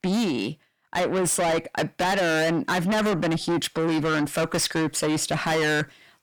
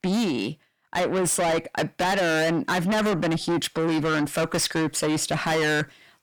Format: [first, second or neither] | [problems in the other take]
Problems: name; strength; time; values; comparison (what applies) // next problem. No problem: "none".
neither | distortion; heavy; 5 dB below the speech; the same in both